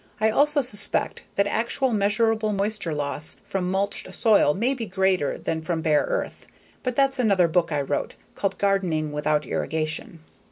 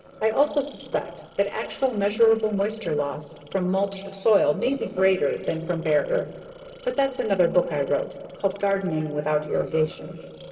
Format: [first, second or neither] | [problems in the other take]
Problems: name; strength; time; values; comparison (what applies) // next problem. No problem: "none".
first | noise reduction (neural separator model SepFormer DNS4)